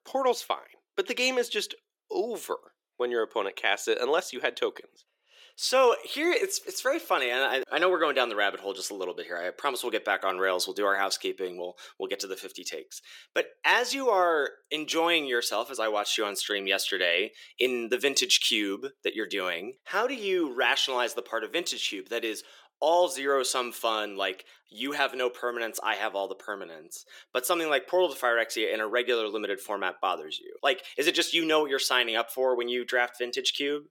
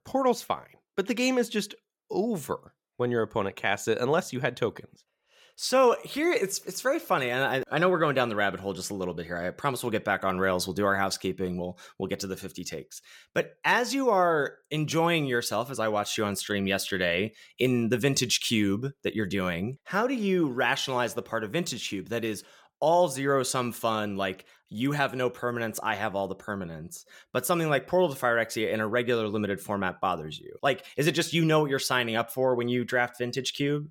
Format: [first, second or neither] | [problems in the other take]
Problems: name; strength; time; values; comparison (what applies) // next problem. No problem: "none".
second | thin; somewhat; fading below 350 Hz